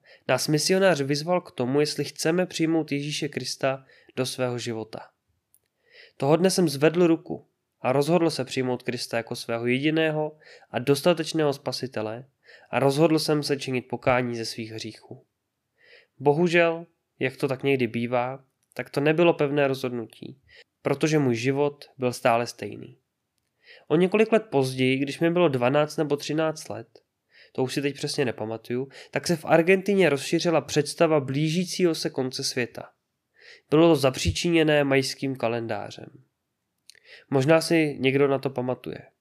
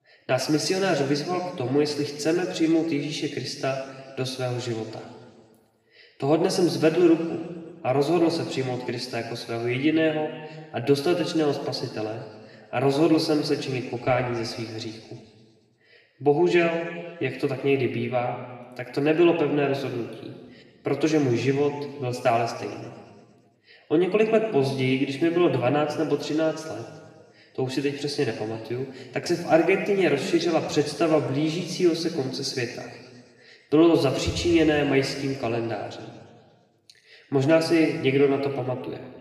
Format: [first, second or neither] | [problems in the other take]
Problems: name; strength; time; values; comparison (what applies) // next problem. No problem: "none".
first | room echo; noticeable; dies away in 1.8 s // off-mic speech; far